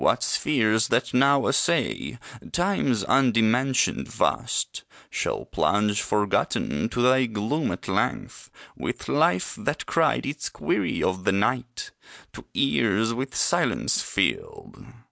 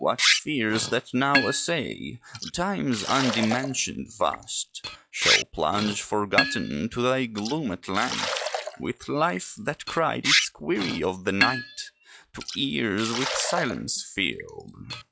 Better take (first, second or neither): first